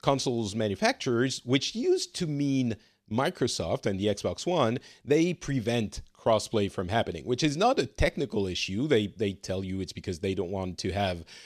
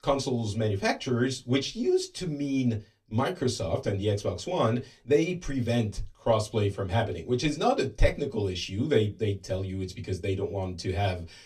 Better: first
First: none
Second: off-mic speech; far // room echo; very slight; dies away in 0.2 s

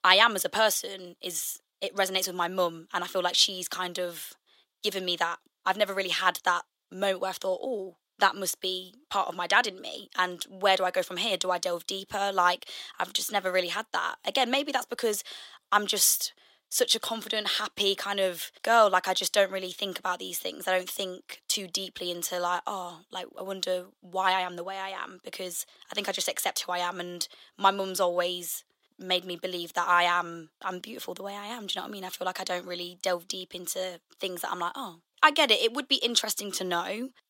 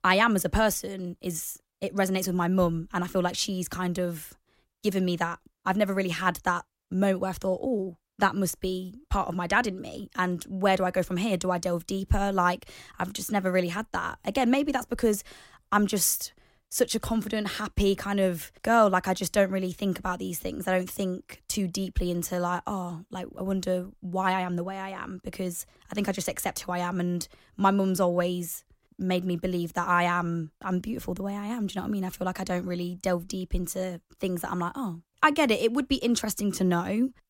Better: second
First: thin; somewhat; fading below 500 Hz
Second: none

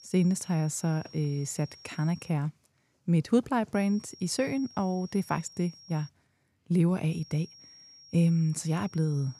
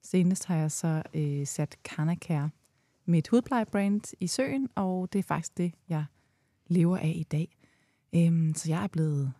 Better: second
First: high-pitched whine; faint; until 2.5 s, from 4 to 6 s and from 7 s on; 5.5 kHz, 20 dB below the speech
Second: none

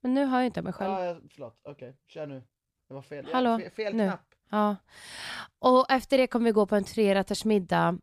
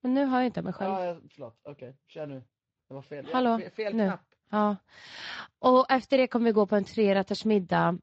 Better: first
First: none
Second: garbled, watery; slightly

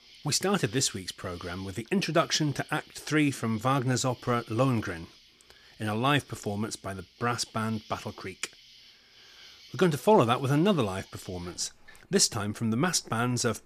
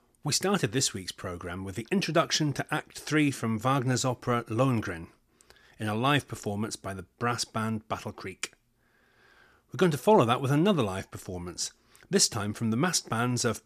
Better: second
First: animal sounds; faint; throughout; 25 dB below the speech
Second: none

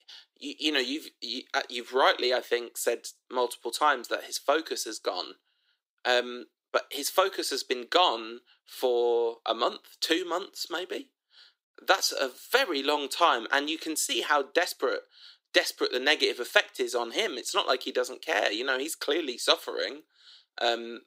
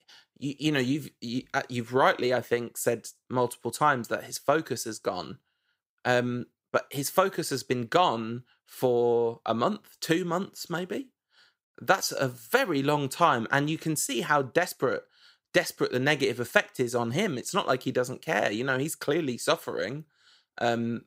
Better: second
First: thin; somewhat; fading below 300 Hz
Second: none

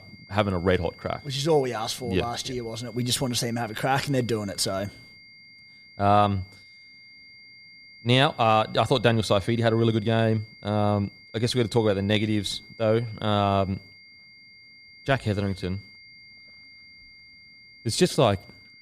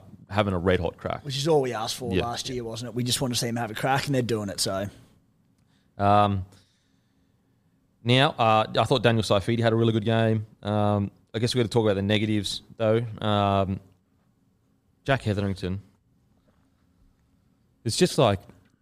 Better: second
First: high-pitched whine; faint; throughout; 2 kHz, 20 dB below the speech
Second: none

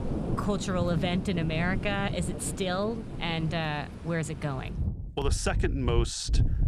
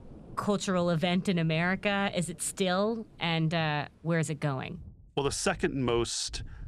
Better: second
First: rain or running water; loud; throughout; 3 dB below the speech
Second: rain or running water; faint; throughout; 20 dB below the speech

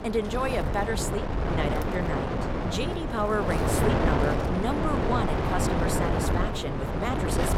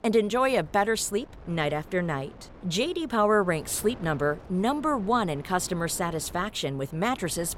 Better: second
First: wind noise on the microphone; heavy; 1 dB above the speech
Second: wind noise on the microphone; occasional gusts; 20 dB below the speech

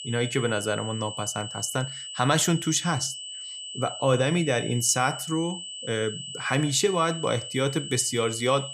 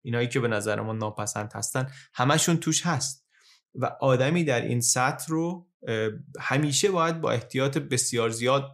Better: second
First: high-pitched whine; loud; throughout; 3 kHz, 9 dB below the speech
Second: none

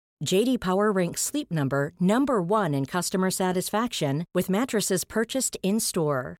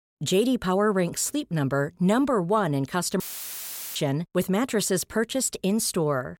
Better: first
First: none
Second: audio cutting out; filled with static; at 3 s for 1 s

